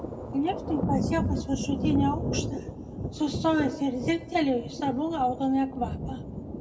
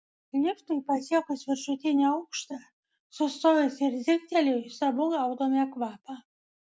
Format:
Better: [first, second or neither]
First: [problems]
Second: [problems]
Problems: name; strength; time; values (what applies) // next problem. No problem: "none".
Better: second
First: background sound (Thunder); 3 dB below the speech // room echo; dies away in 1.2 s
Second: none